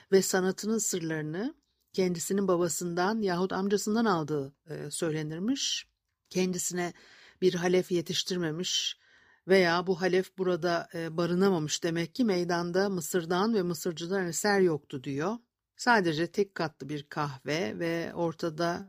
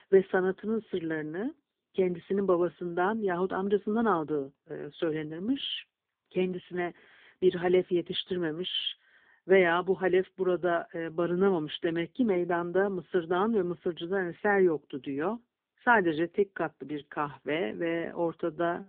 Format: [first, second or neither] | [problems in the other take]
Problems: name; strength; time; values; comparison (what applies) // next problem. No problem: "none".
first | phone-call audio; nothing above 3 kHz